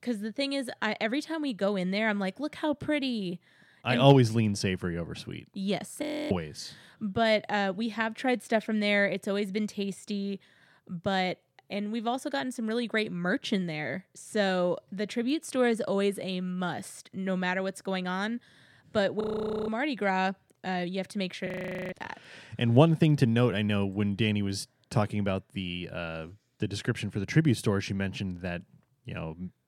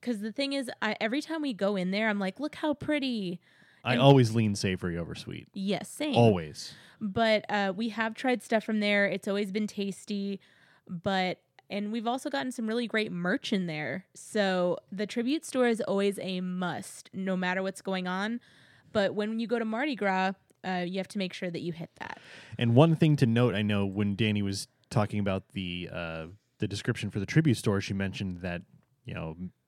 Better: second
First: audio freezing; at 6 s, at 19 s and at 21 s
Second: none

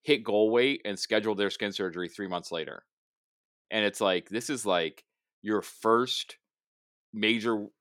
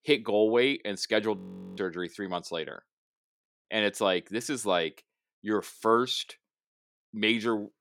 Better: first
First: none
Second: audio freezing; at 1.5 s

